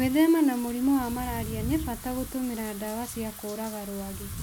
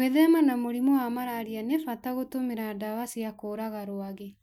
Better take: second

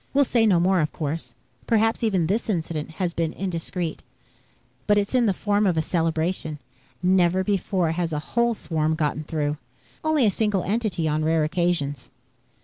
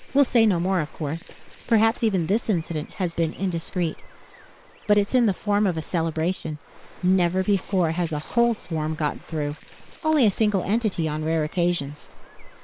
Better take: first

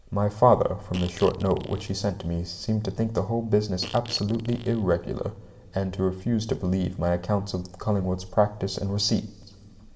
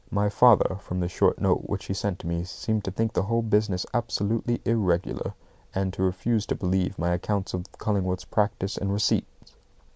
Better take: second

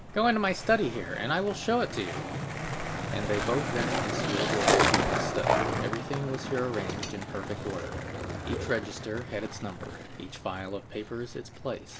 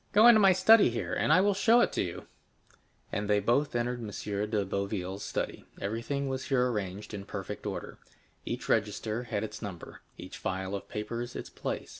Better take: second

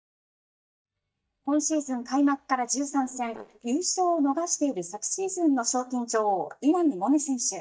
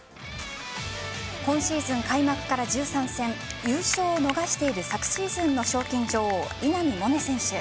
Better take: second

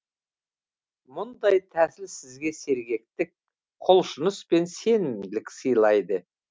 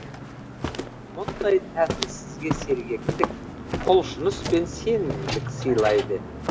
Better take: first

